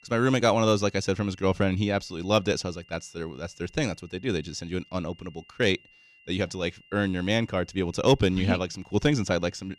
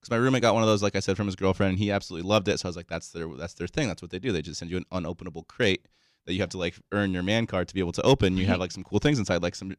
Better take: second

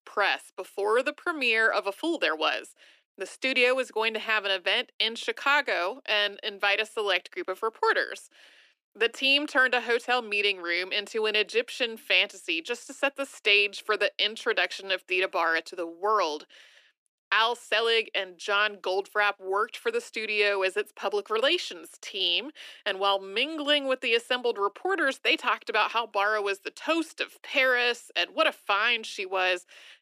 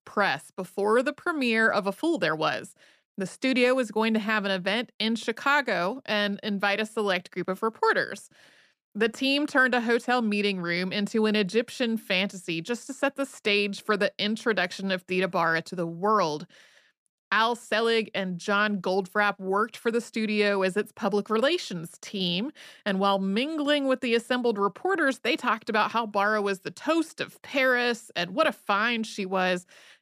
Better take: second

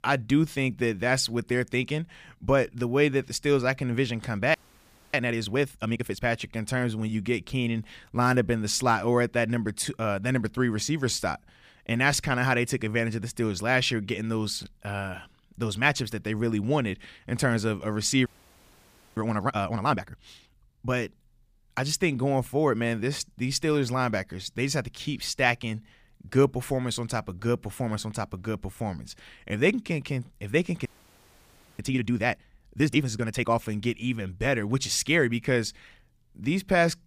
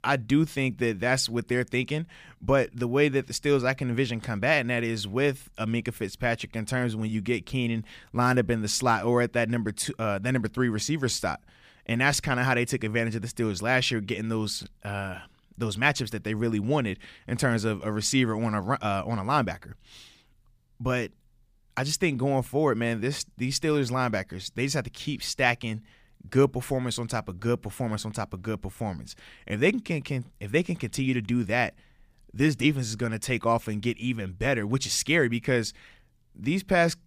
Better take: second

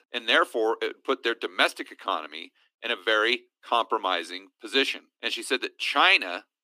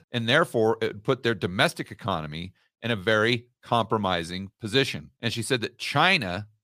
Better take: second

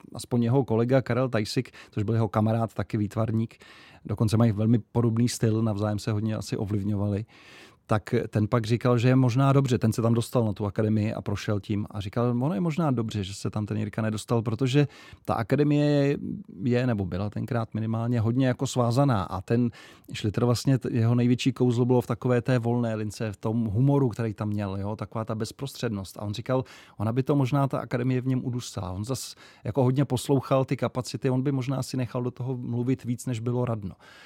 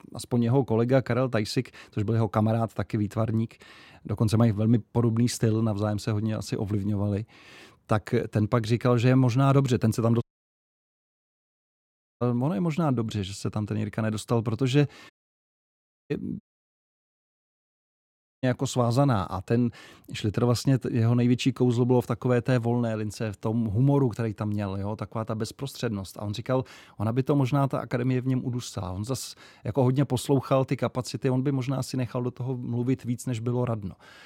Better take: first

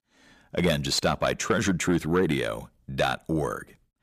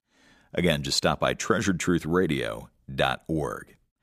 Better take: second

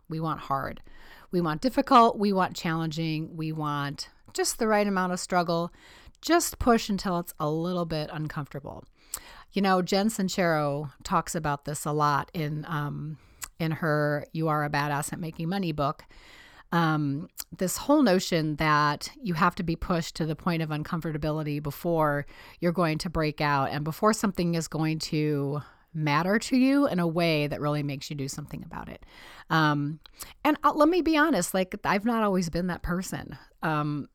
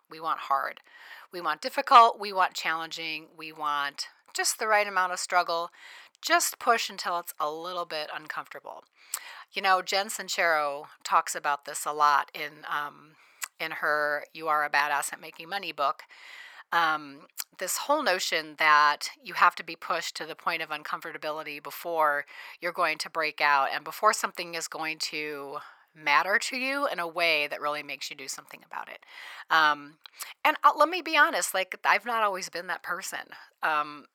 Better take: first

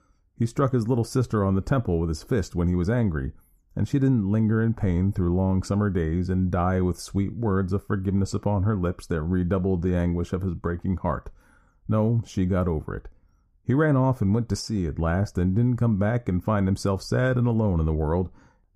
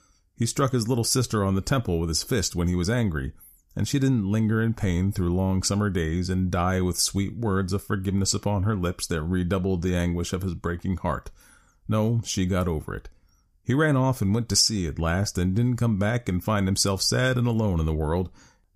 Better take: second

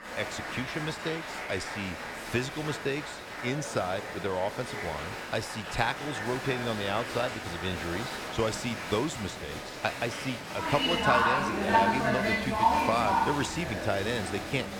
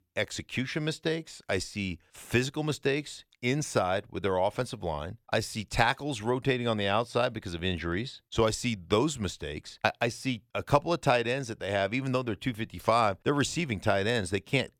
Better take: second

